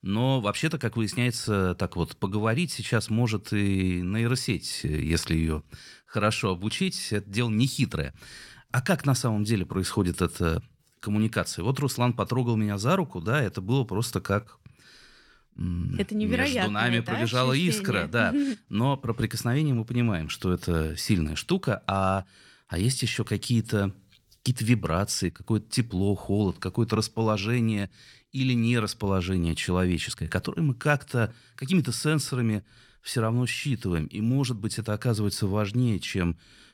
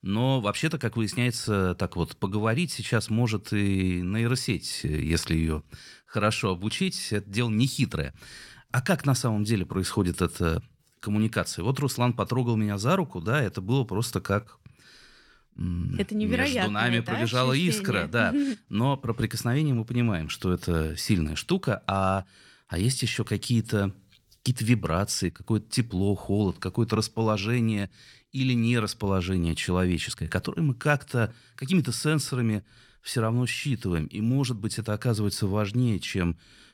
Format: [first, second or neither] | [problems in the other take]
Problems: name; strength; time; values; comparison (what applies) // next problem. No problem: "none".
neither | none